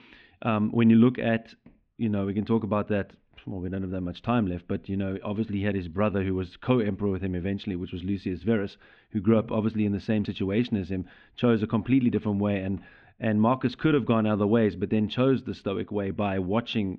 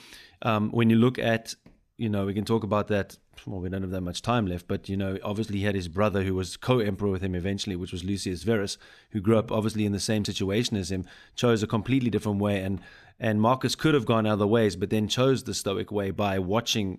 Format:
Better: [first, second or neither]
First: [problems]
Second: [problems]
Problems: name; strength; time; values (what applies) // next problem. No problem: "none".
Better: second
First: muffled; very; fading above 3 kHz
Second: none